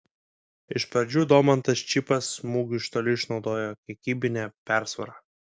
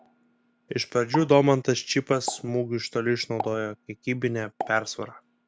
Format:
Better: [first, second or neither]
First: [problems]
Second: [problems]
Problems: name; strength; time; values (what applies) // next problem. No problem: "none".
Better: first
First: none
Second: background sound (Explosion); 14 dB below the speech